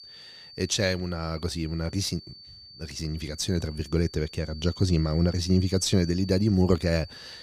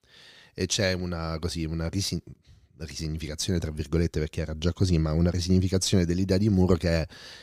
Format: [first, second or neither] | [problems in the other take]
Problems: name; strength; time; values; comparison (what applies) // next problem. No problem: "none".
second | high-pitched whine; noticeable; throughout; 4.5 kHz, 15 dB below the speech